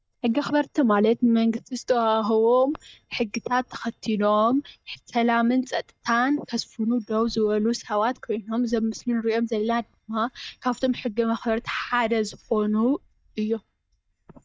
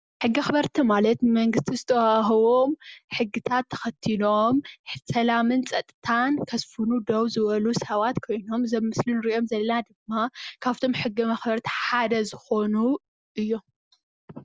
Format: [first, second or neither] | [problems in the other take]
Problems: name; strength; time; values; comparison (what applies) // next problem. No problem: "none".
second | noise reduction (neural mask model DeepFilterNet 3)